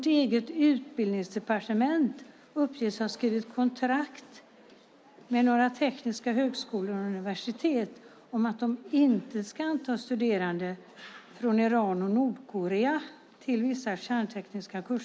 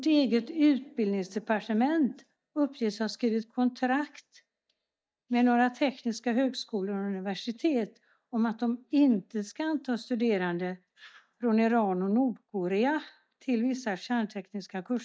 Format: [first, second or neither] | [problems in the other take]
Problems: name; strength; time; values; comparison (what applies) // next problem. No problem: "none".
first | noise reduction (neural mask model DeepFilterNet 3)